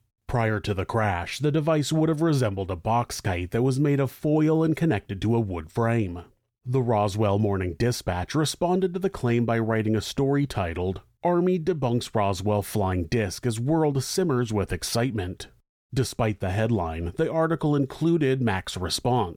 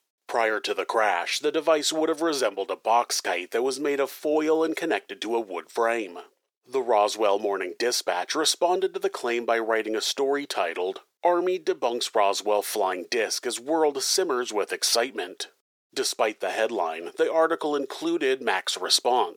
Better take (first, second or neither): first